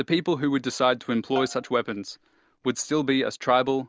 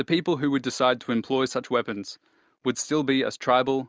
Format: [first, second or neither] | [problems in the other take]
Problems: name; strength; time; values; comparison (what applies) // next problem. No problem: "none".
second | background sound (Bowed string instrument); 17 dB below the speech